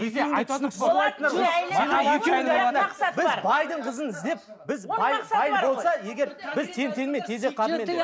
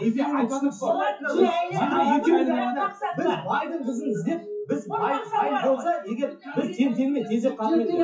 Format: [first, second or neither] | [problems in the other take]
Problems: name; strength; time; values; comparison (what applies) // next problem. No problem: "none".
first | noise reduction (classical method WPE with log-MMSE)